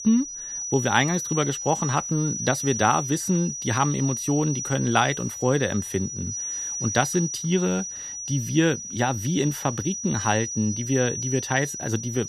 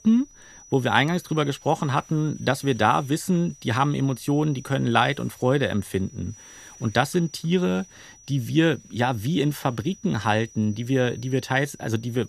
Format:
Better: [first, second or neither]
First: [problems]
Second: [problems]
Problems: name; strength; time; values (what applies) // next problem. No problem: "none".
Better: second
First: high-pitched whine; loud; throughout; 6 kHz, 5 dB below the speech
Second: high-pitched whine; faint; throughout; 6 kHz, 25 dB below the speech